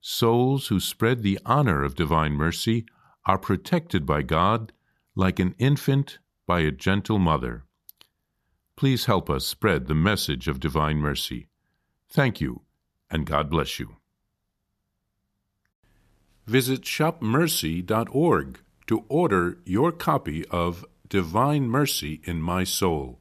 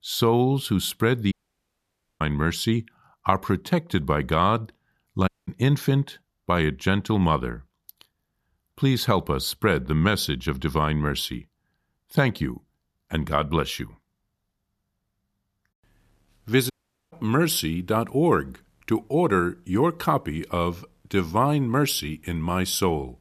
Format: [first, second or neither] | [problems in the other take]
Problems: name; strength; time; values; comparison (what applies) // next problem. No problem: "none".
first | audio cutting out; at 1.5 s for 1 s, at 5.5 s and at 17 s